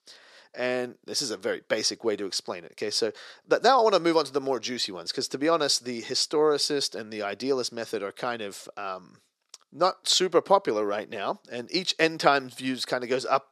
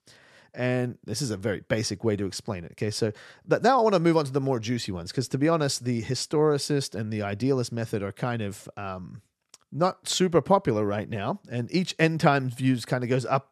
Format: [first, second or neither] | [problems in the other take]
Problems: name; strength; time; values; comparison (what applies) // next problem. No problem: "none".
second | thin; somewhat; fading below 400 Hz